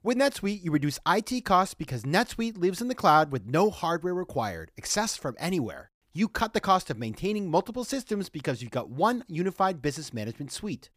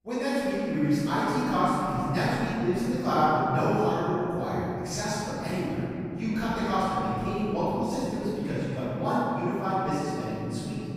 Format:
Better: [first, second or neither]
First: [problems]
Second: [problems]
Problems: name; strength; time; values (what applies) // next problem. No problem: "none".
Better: first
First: none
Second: off-mic speech; far // room echo; strong; dies away in 3 s